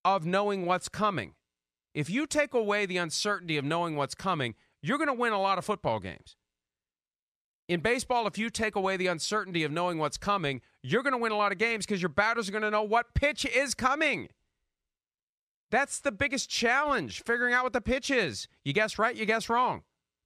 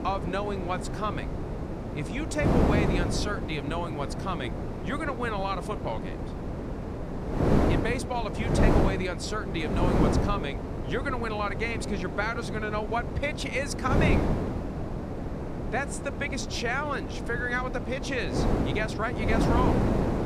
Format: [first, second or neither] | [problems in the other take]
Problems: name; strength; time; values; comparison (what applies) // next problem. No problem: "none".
first | wind noise on the microphone; heavy; 3 dB below the speech